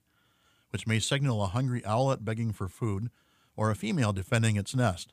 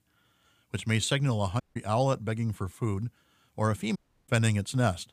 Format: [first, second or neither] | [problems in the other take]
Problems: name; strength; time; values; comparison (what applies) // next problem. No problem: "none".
first | audio cutting out; at 1.5 s and at 4 s